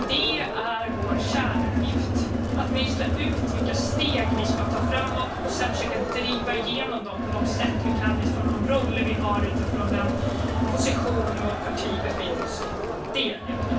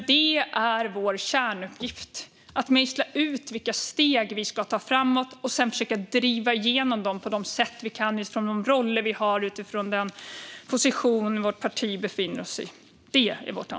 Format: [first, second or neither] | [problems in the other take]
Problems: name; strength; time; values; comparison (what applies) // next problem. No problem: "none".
second | background sound (Crowd); 5 dB above the speech // room echo; dies away in 0.3 s